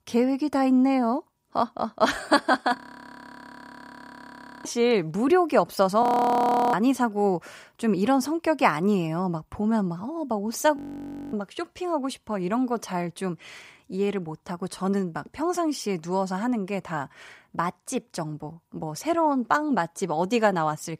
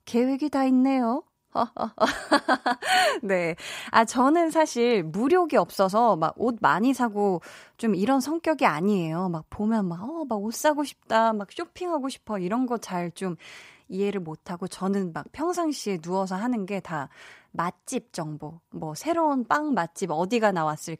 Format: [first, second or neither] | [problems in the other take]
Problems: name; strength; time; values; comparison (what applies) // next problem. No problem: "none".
second | audio freezing; at 3 s for 2 s, at 6 s for 0.5 s and at 11 s for 0.5 s